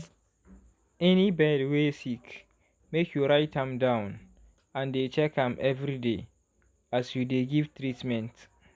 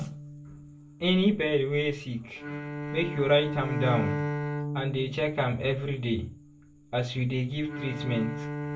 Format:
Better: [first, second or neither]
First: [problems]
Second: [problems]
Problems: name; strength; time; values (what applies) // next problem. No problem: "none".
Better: first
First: none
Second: background sound (Bowed string instrument); 6 dB below the speech // room echo; dies away in 0.2 s